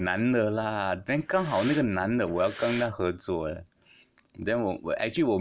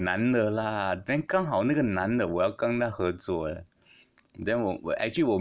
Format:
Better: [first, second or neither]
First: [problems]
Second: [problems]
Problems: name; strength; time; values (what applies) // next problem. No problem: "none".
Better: second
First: background sound (Breathing); 15 dB below the speech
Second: none